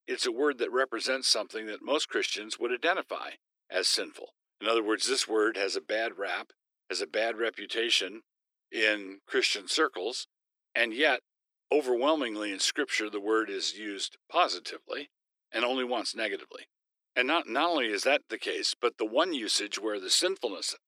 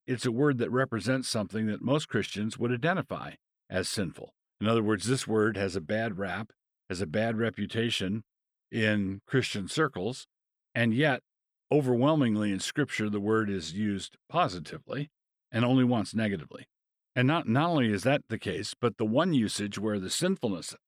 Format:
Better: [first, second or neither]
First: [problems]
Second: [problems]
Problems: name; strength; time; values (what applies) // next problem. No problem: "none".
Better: second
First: thin; very; fading below 350 Hz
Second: none